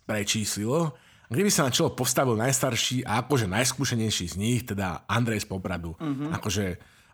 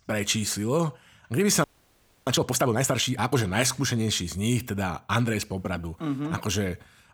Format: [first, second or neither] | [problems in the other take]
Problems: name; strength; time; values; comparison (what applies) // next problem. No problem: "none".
first | audio freezing; at 1.5 s for 0.5 s